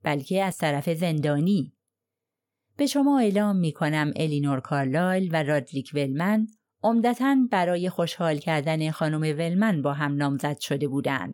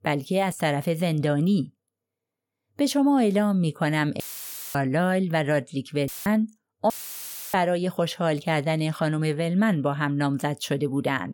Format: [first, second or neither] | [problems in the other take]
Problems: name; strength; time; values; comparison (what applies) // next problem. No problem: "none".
first | audio cutting out; filled with static; at 4 s for 0.5 s, at 6 s and at 7 s for 0.5 s